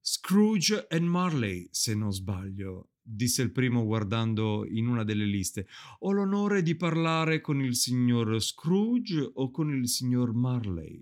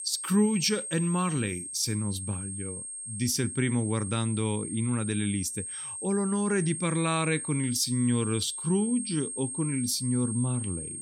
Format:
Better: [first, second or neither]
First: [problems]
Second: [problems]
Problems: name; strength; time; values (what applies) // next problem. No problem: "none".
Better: first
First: none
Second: high-pitched whine; loud; throughout; 8.5 kHz, 6 dB below the speech